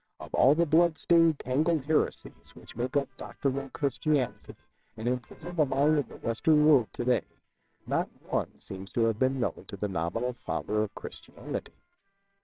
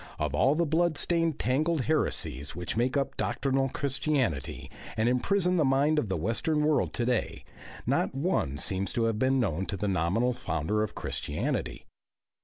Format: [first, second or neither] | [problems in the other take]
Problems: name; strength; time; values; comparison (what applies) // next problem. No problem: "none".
second | noise reduction (neural separator model SepFormer WHAMR!)